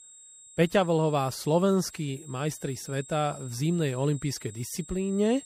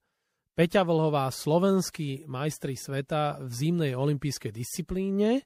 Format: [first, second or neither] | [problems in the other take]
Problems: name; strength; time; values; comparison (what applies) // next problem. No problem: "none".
second | high-pitched whine; noticeable; throughout; 7.5 kHz, 20 dB below the speech